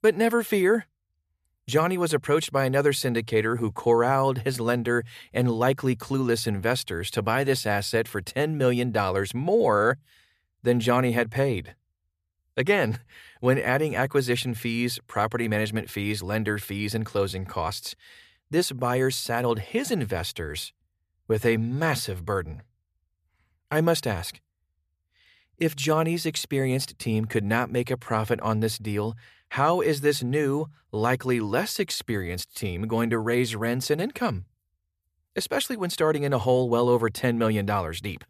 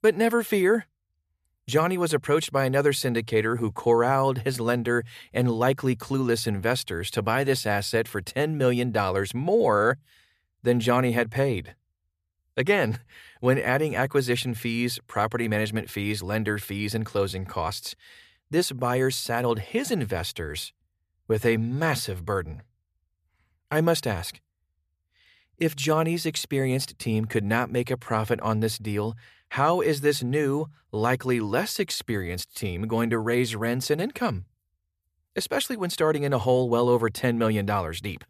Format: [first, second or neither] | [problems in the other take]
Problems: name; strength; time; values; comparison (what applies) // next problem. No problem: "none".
neither | none